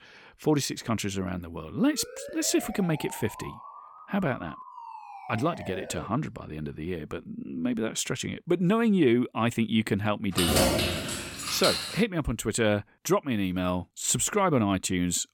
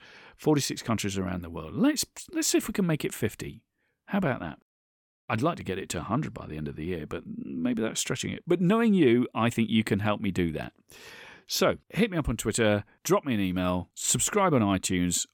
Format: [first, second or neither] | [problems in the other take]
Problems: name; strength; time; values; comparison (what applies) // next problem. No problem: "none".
second | siren; faint; from 2 to 6 s; peak 15 dB below the speech // jangling keys; loud; from 10 to 12 s; peak 5 dB above the speech